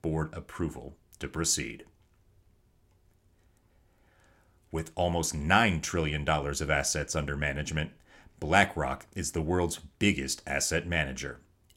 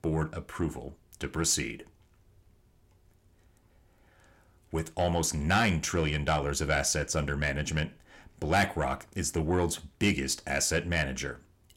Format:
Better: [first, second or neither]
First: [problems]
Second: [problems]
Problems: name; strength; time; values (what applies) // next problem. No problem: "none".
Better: first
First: none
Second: distortion; slight; 10 dB below the speech